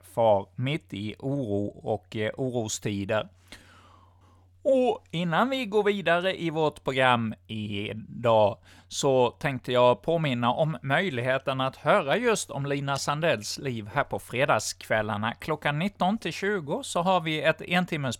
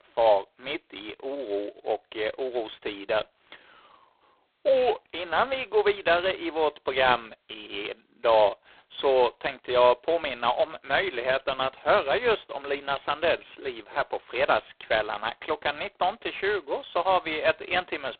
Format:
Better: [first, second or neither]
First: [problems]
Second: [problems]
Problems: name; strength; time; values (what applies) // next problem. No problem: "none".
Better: first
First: none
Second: phone-call audio; poor line; nothing above 4 kHz